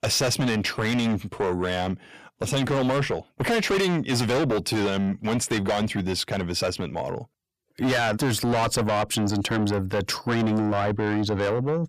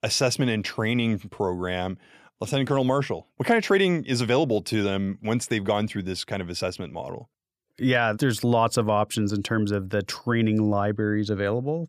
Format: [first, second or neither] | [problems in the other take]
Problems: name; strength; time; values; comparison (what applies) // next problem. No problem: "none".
second | distortion; heavy; 6 dB below the speech